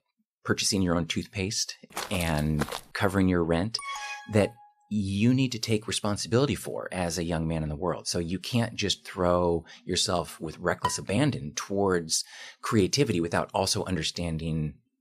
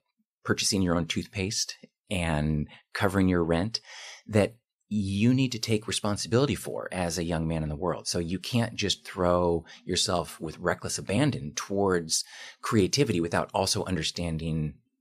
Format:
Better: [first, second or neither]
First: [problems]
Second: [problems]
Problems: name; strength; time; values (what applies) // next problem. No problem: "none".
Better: second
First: footsteps; noticeable; at 2 s; peak 7 dB below the speech // alarm; noticeable; at 4 s; peak 8 dB below the speech // clattering dishes; noticeable; at 11 s; peak 6 dB below the speech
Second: none